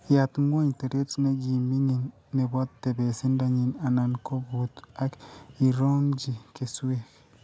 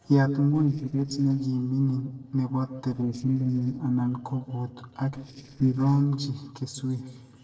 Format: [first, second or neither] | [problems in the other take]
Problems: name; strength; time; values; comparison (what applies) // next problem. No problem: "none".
first | noise reduction (neural separator model SepFormer DNS4)